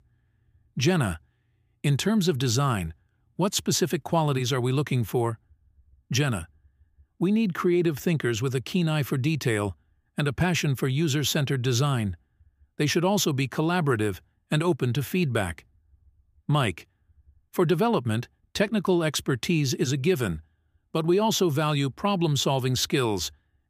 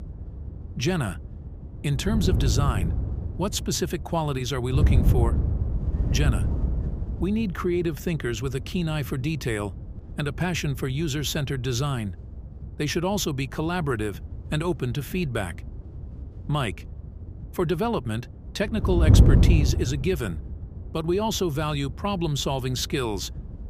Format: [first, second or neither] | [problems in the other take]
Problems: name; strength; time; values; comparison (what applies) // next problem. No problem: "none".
first | wind noise on the microphone; heavy; 9 dB below the speech